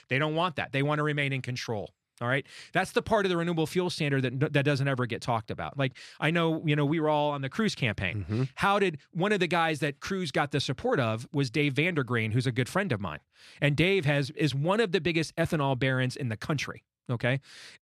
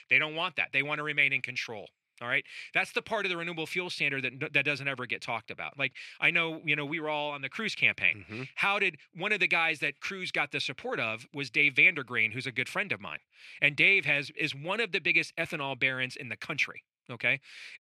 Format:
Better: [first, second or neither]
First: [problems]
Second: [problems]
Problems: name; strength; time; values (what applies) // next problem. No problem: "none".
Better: first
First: none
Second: thin; very slightly; fading below 300 Hz